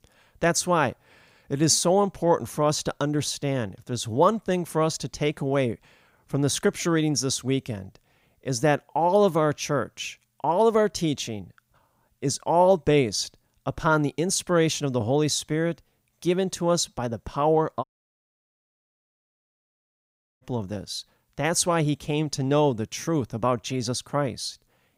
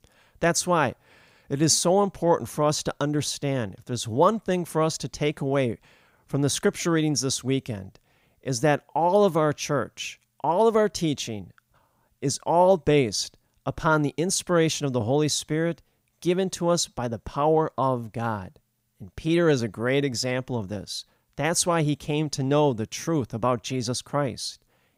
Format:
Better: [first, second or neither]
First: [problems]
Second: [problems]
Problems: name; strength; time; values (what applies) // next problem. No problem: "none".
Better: second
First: audio cutting out; at 18 s for 2.5 s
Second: none